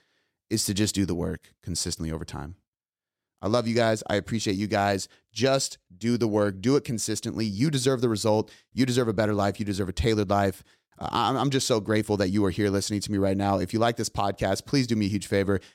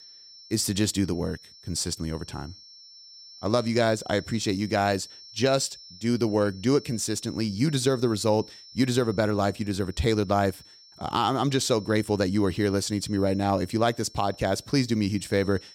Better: first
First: none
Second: high-pitched whine; faint; throughout; 5.5 kHz, 20 dB below the speech

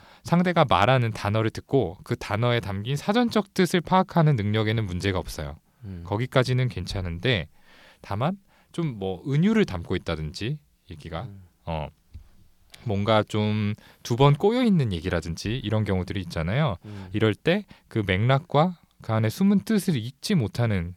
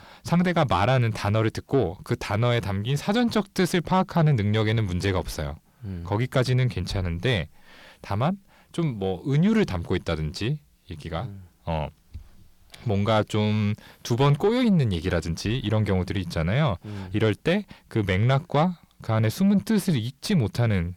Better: first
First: none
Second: distortion; slight; 10 dB below the speech

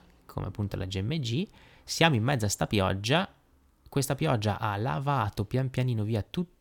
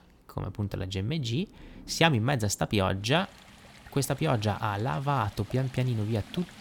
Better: first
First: none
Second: rain or running water; faint; throughout; 20 dB below the speech

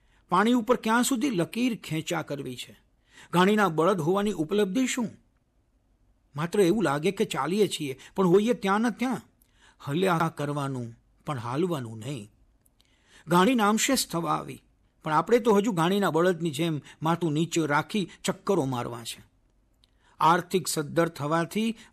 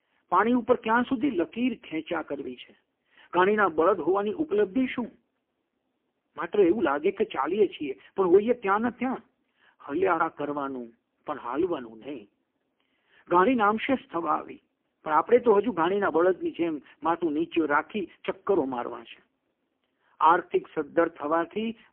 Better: first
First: none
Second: phone-call audio; poor line; nothing above 3.5 kHz

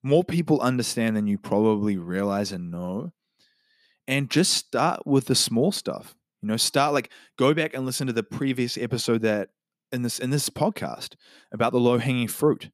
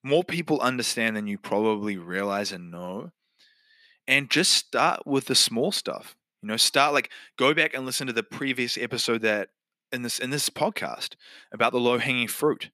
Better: first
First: none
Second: thin; very slightly; fading below 400 Hz

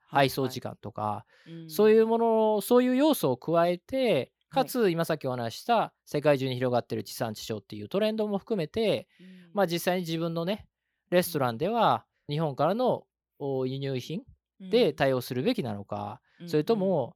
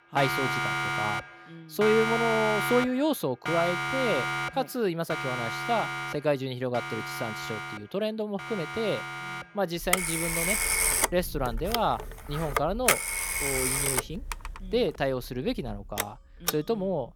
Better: first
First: none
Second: alarms or sirens; very loud; throughout; 1 dB above the speech

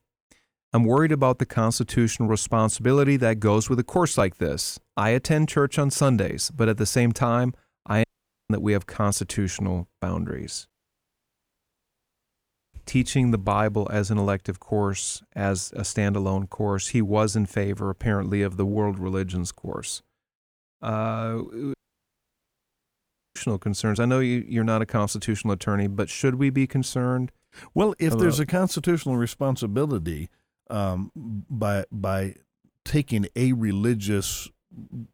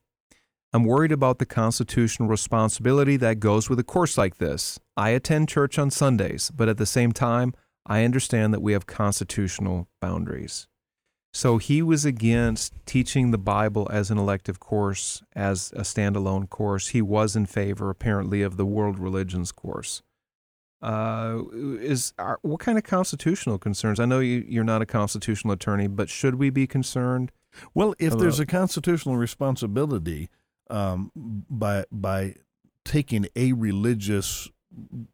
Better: second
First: audio cutting out; at 8 s, at 11 s for 2 s and at 22 s for 1.5 s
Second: none

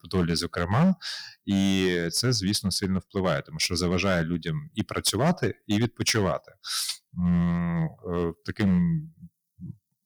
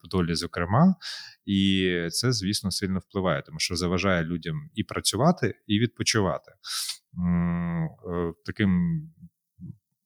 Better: second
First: distortion; slight; 4% of the sound clipped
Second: none

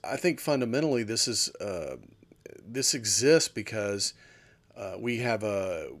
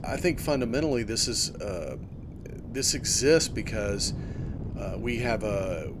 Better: first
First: none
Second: wind noise on the microphone; occasional gusts; 20 dB below the speech

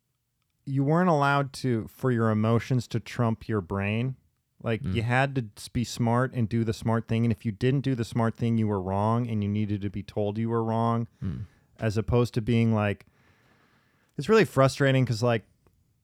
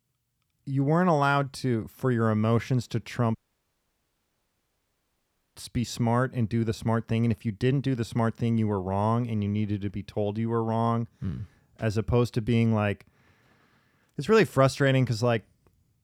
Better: first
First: none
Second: audio cutting out; at 3.5 s for 2 s

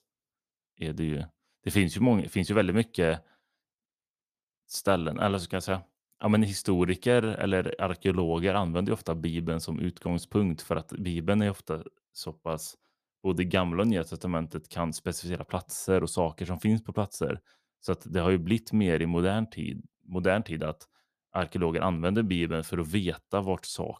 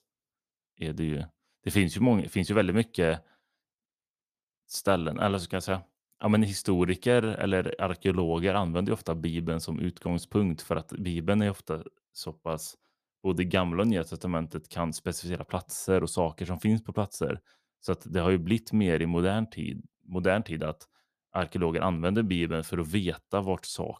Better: neither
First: none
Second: none

